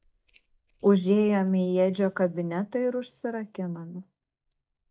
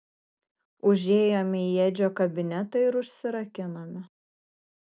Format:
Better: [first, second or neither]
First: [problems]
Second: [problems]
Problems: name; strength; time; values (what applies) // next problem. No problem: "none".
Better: second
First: noise reduction (neural mask model DeepFilterNet 3)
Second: none